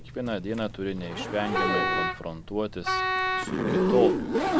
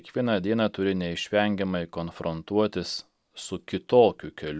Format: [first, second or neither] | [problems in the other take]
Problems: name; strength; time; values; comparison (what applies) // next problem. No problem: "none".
second | background sound (Wind instrument, woodwind instrument + Zipper (clothing)); 4 dB above the speech